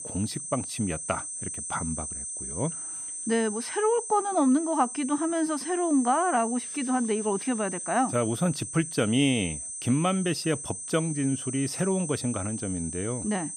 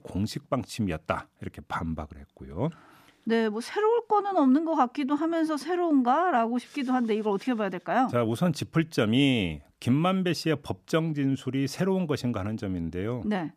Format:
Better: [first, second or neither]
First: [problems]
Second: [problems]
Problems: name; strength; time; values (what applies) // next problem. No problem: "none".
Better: second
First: high-pitched whine; loud; throughout; 8.5 kHz, 6 dB below the speech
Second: none